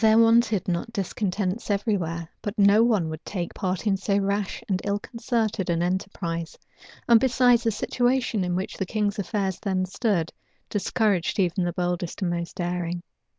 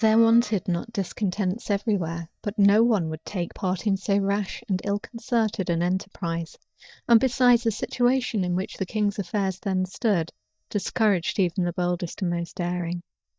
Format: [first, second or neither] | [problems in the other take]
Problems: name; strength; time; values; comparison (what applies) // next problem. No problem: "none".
first | noise reduction (neural mask model DeepFilterNet 3)